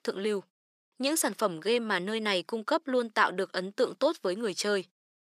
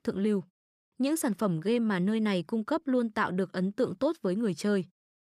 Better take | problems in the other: second | thin; somewhat; fading below 450 Hz

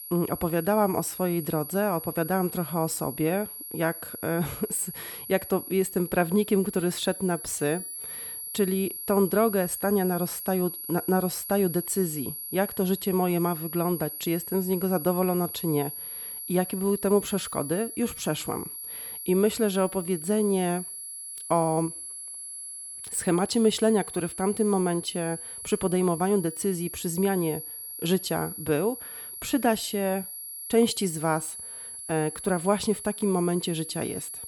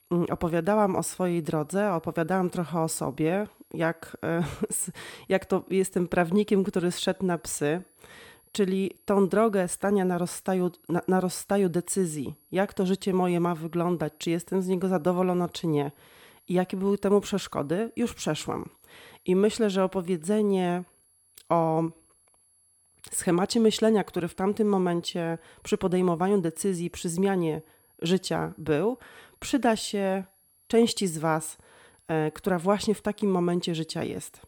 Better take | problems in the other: second | high-pitched whine; loud; throughout; 11.5 kHz, 8 dB below the speech; faint in the second

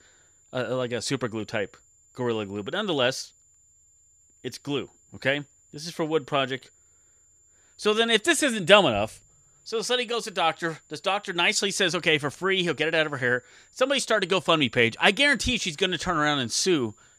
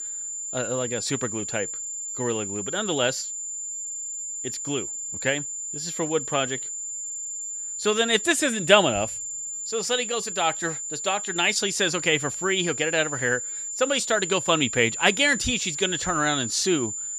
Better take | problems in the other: first | high-pitched whine; loud; throughout; 7 kHz, 5 dB below the speech; faint in the first

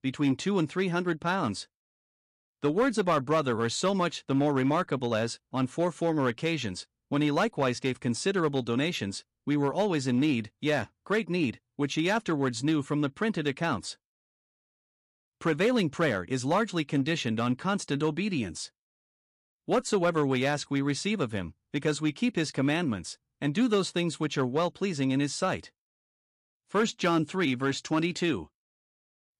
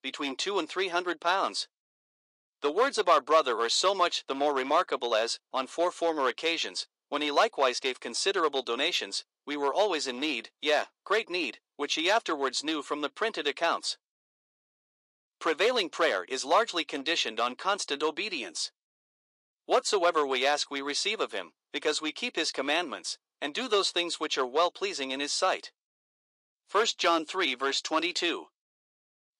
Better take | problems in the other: first | thin; very; fading below 400 Hz

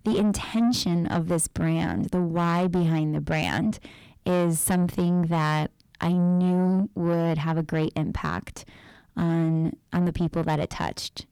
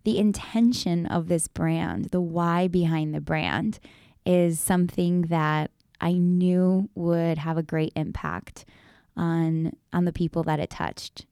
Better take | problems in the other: second | distortion; slight; 10 dB below the speech

